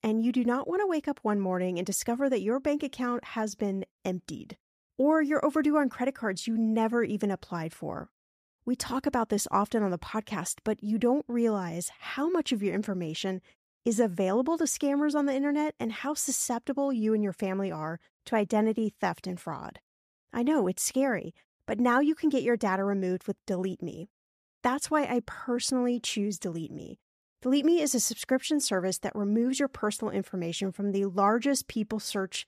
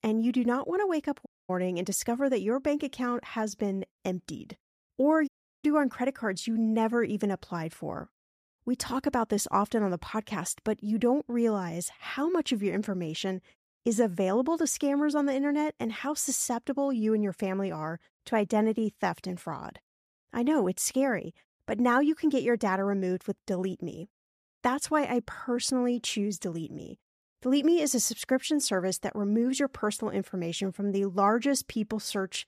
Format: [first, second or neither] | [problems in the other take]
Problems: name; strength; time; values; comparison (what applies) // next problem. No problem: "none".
first | audio cutting out; at 1.5 s and at 5.5 s